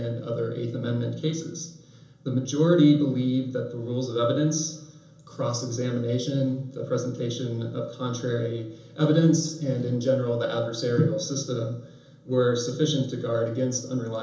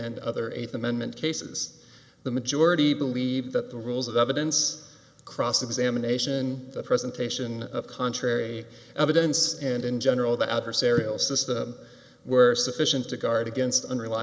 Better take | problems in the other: second | room echo; dies away in 0.7 s

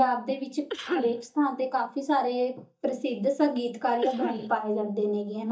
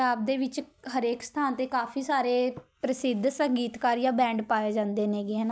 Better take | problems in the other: second | noise reduction (neural mask model DeepFilterNet 3)

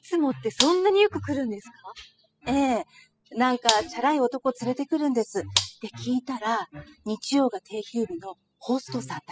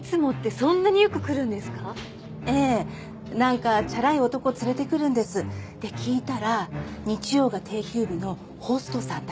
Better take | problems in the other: second | noise reduction (classical method spectral subtraction)

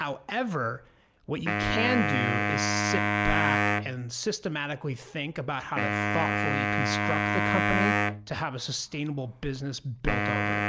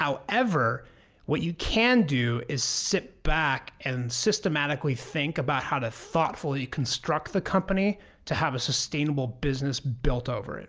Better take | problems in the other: second | background sound (Wind instrument, woodwind instrument); 3 dB above the speech

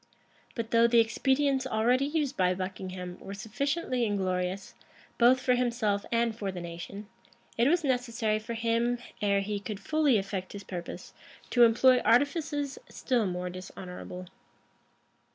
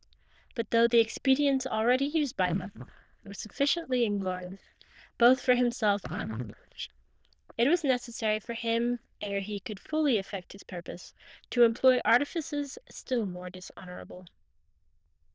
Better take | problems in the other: first | noise reduction (neural diffusion model UNIVERSE++)

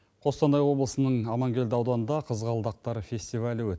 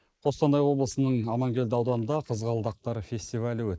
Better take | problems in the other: first | noise reduction (neural mask model Resemble Enhance denoiser)

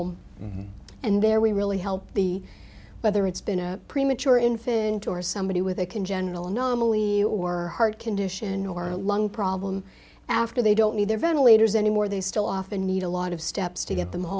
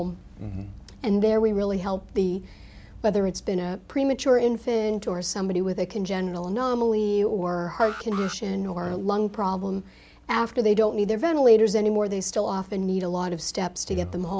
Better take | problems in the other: first | background sound (Alarm); 16 dB below the speech

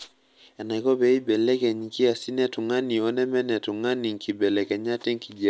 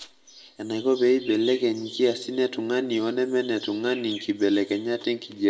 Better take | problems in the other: first | background sound (Chirp, tweet); 20 dB below the speech // room echo; dies away in 1.8 s

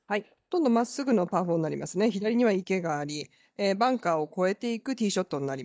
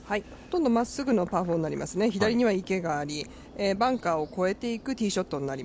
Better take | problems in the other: second | noise reduction (neural mask model DeepFilterNet 3)

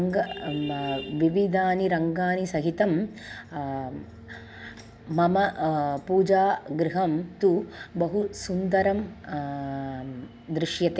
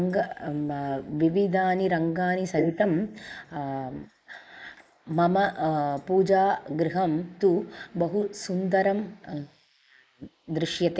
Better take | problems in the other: first | noise reduction (neural mask model Resemble Enhance denoiser)

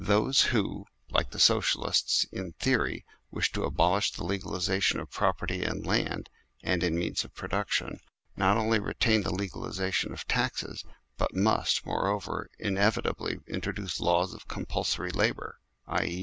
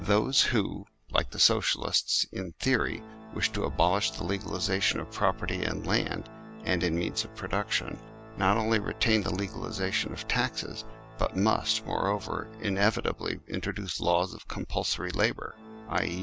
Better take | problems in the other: first | background sound (Organ); 18 dB below the speech

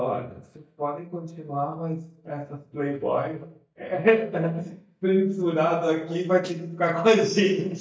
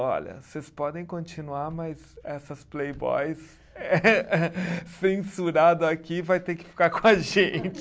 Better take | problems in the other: second | noise reduction (neural mask model DeepFilterNet 3)

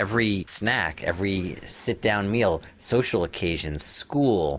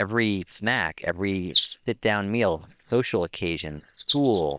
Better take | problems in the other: first | noise reduction (neural separator model SepFormer WHAM!)

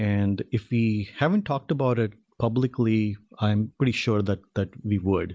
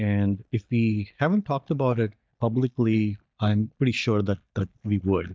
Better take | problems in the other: first | noise reduction (neural mask model DeepFilterNet 3)

